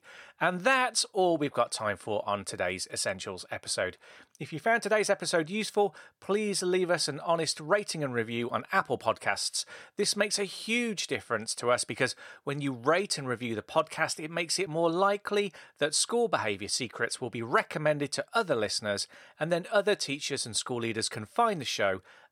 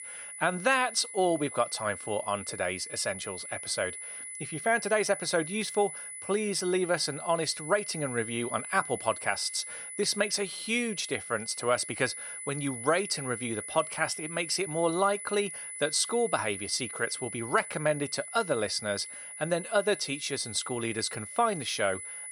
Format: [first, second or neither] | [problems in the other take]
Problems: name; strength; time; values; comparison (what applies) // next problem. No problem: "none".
first | high-pitched whine; loud; throughout; 10 kHz, 9 dB below the speech